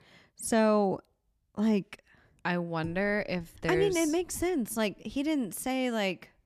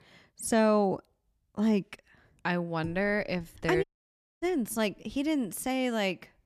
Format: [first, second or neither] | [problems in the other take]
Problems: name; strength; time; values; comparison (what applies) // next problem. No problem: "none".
first | audio cutting out; at 4 s for 0.5 s